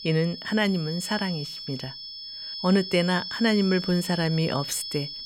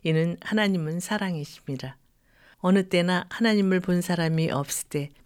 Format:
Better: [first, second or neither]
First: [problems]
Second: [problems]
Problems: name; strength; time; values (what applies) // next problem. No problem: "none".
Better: second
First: high-pitched whine; loud; throughout; 5 kHz, 8 dB below the speech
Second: none